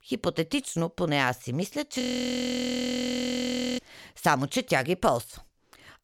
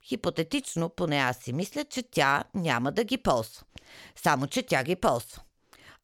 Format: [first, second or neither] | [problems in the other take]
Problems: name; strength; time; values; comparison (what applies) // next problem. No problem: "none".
second | audio freezing; at 2 s for 2 s